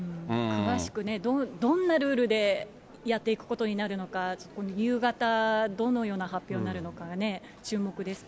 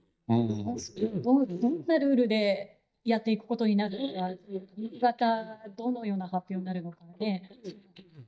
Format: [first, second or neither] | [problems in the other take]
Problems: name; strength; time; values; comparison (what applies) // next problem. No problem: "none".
first | noise reduction (neural mask model DeepFilterNet 3)